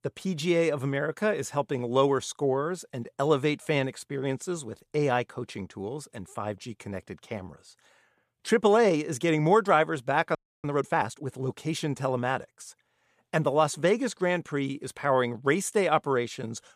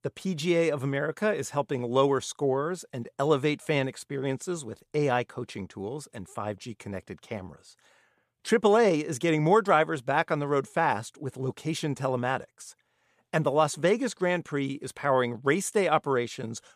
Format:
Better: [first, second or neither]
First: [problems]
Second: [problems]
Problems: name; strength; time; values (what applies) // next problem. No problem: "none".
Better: second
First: audio freezing; at 10 s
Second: none